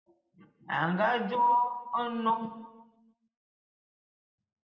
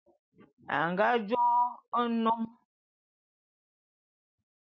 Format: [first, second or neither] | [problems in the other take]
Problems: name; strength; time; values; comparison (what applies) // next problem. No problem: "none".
second | room echo; dies away in 1 s